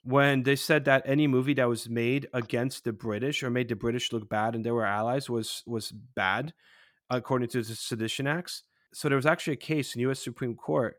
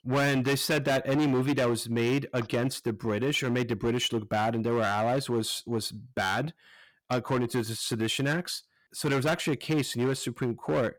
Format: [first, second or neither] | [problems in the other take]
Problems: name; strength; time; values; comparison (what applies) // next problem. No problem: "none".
first | distortion; heavy; 13% of the sound clipped